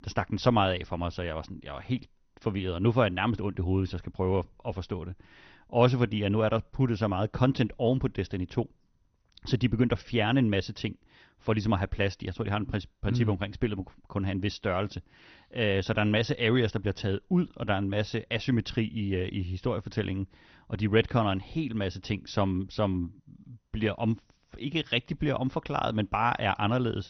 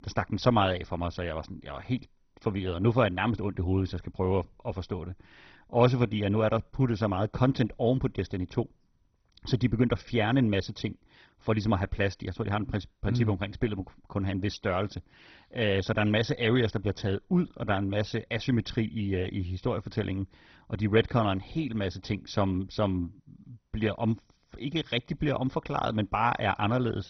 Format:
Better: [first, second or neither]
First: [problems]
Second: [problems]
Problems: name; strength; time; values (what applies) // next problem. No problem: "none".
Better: first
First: garbled, watery; slightly; nothing above 6 kHz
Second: garbled, watery; badly; nothing above 6 kHz